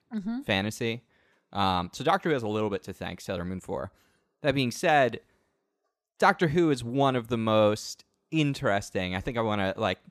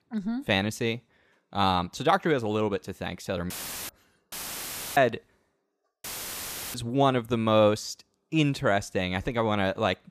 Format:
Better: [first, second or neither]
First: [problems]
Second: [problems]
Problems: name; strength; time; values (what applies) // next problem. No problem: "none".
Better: first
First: none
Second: audio cutting out; filled with static; at 3.5 s, at 4.5 s for 0.5 s and at 6 s for 0.5 s